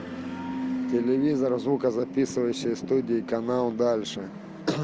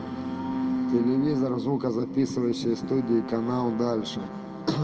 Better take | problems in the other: first | background sound (Brass instrument); 18 dB below the speech // room echo; dies away in 1.7 s

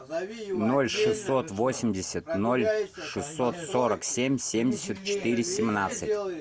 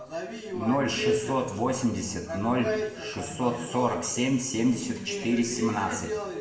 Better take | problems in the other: first | room echo; dies away in 0.9 s

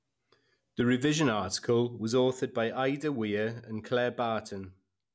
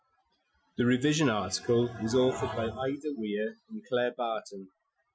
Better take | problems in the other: first | noise reduction (classical method Wiener filter)

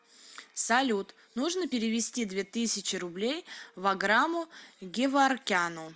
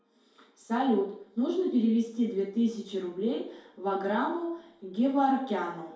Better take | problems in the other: first | room echo; dies away in 2.3 s

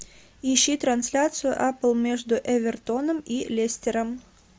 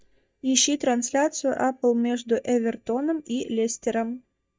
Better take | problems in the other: first | noise reduction (neural mask model DeepFilterNet 3)

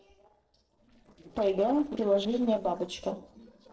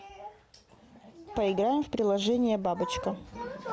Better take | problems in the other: second | noise reduction (neural separator model SepFormer DNS4)

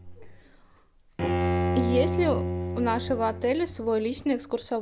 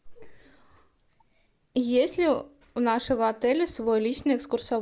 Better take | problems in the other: second | background sound (Bowed string instrument); 2 dB below the speech

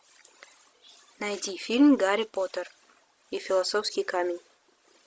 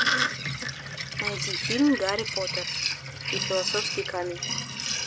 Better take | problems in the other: first | background sound (Sink (filling or washing)); 1 dB above the speech

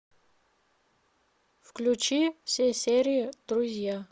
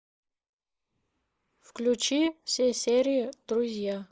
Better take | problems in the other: first | noise reduction (neural mask model Resemble Enhance denoiser)

